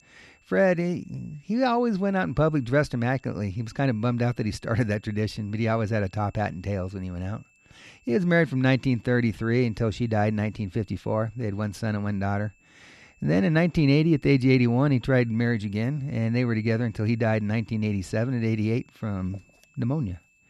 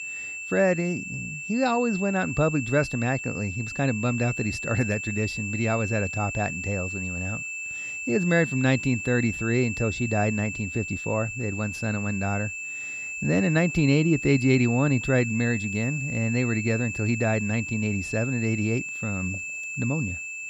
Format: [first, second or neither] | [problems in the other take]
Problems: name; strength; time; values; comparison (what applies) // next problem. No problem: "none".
first | high-pitched whine; loud; throughout; 2.5 kHz, 5 dB below the speech; faint in the first